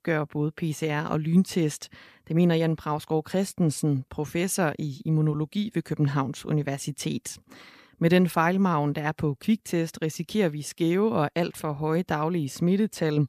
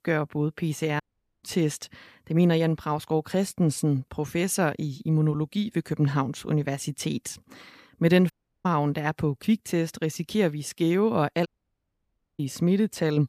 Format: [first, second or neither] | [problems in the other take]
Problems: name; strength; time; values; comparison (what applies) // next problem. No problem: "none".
first | audio cutting out; at 1 s, at 8.5 s and at 11 s for 1 s